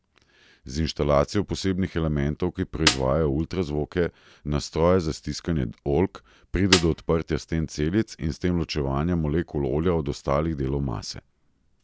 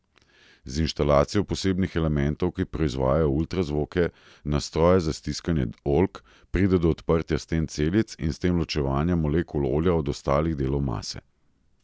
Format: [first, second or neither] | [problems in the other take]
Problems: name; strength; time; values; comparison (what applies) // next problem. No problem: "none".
second | background sound (Snare drum); 1 dB below the speech